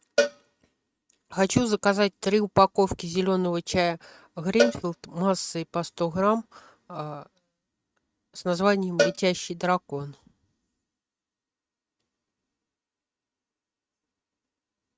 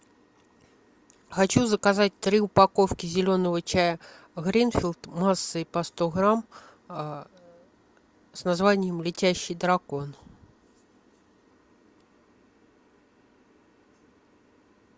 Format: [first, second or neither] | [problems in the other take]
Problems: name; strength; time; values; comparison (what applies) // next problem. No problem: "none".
second | noise reduction (neural mask model RNNoise)